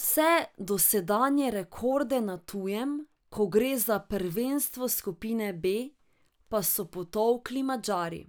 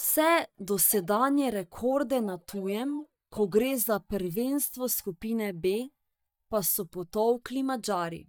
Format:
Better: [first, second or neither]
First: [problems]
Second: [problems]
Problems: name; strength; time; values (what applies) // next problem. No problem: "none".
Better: first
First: none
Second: noise reduction (neural mask model DeepFilterNet 3)